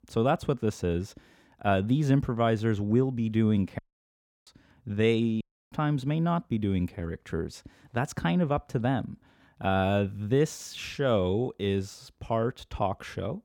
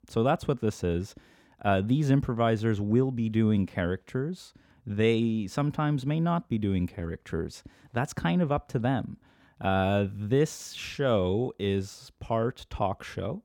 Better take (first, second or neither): second